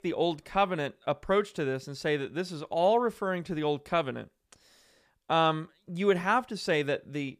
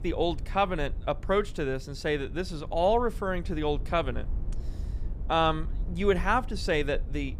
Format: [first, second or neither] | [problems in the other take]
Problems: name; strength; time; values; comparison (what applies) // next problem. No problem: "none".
first | low rumble; faint; throughout; 25 dB below the speech